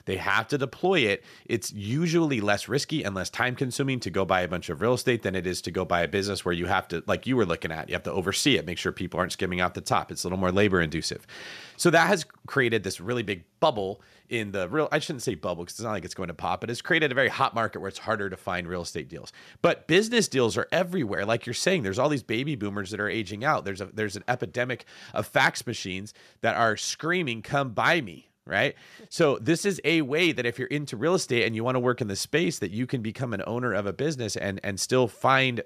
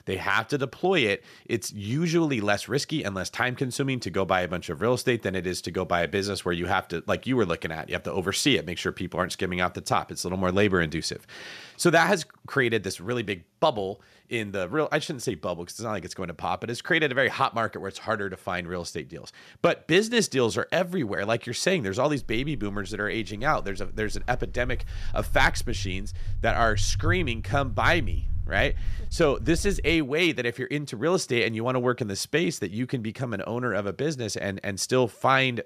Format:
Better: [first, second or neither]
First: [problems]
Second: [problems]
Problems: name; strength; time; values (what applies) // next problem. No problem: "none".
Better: first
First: none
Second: footsteps; noticeable; from 22 to 30 s; peak 3 dB below the speech